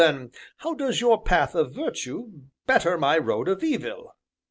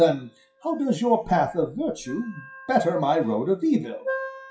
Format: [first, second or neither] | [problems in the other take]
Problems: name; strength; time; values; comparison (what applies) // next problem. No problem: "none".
first | noise reduction (classical method WPE with log-MMSE)